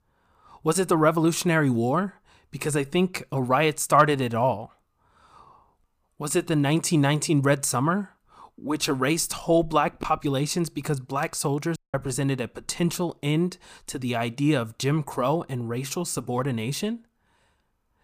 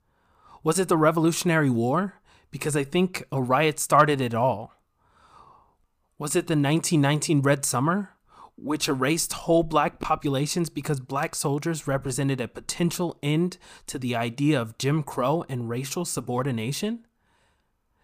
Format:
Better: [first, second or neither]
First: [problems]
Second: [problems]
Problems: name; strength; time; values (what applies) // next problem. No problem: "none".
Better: second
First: audio cutting out; at 12 s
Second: none